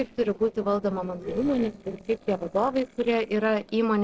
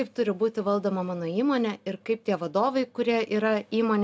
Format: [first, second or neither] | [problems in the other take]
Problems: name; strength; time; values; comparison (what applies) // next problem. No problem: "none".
second | noise reduction (neural separator model SepFormer DNS4)